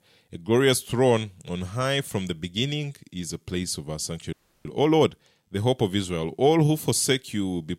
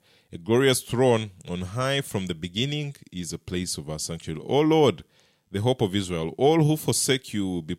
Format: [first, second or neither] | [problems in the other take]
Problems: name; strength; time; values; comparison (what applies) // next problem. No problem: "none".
second | audio freezing; at 4.5 s